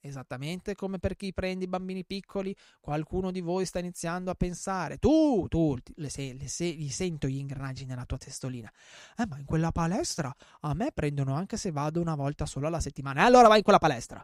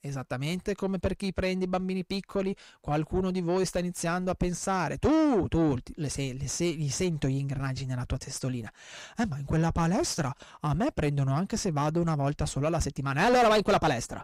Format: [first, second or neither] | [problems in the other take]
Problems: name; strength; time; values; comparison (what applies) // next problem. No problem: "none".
first | distortion; heavy; 5 dB below the speech